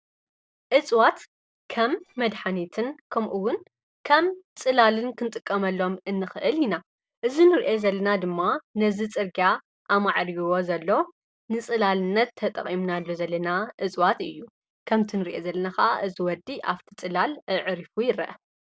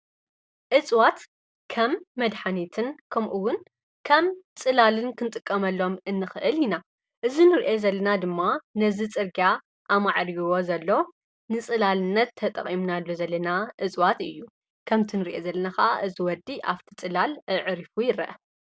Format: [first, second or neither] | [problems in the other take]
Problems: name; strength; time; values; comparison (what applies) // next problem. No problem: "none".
second | noise reduction (neural separator model SepFormer DNS4)